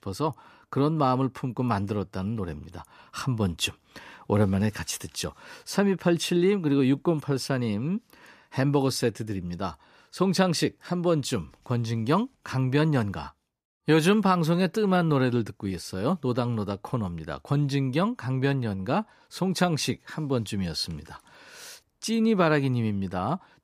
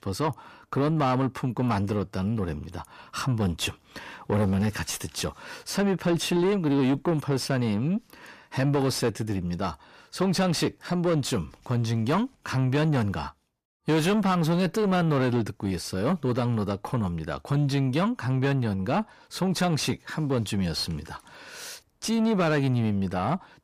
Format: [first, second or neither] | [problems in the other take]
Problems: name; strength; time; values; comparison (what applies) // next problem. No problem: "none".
first | distortion; slight; 10 dB below the speech